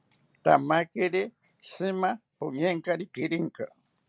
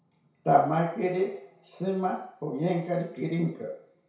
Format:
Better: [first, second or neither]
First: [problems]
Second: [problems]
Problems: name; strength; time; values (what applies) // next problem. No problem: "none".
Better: first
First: none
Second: room echo; dies away in 0.6 s